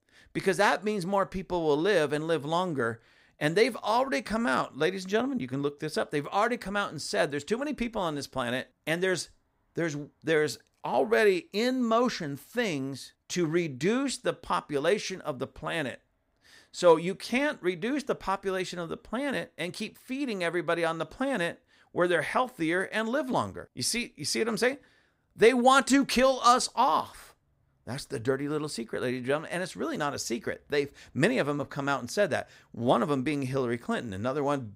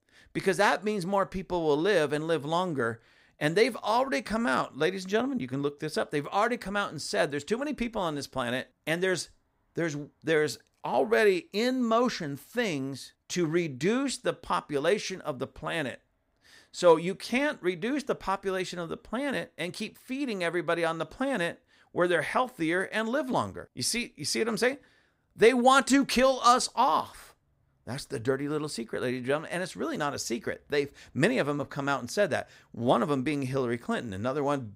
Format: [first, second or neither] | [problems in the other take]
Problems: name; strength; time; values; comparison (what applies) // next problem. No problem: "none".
neither | none